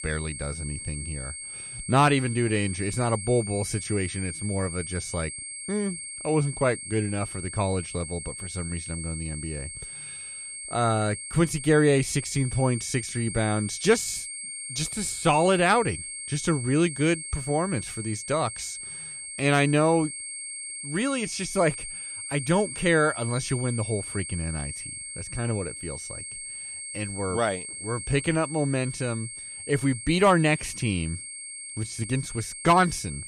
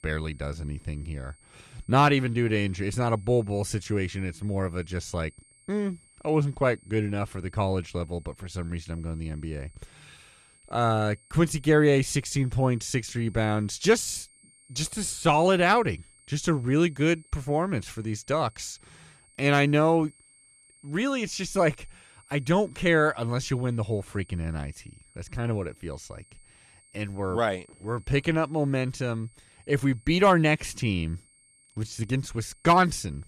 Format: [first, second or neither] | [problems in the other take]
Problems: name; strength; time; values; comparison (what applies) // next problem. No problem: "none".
second | high-pitched whine; loud; throughout; 8.5 kHz, 8 dB below the speech; faint in the second